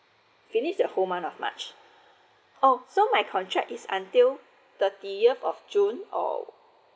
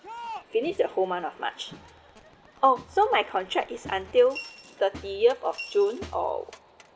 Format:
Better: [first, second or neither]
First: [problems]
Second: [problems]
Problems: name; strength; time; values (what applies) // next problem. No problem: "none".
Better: first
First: none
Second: background sound (Coin (dropping) / Glass + Crowd); 17 dB below the speech